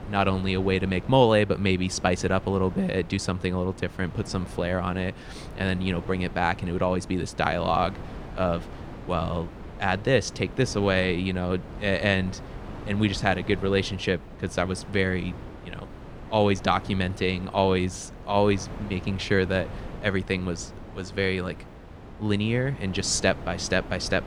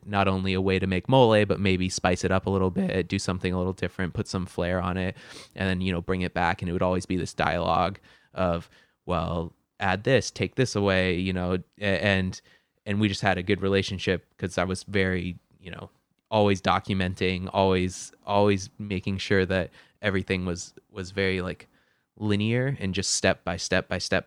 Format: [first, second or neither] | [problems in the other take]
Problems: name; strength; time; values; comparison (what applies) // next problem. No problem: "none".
second | wind noise on the microphone; occasional gusts; 15 dB below the speech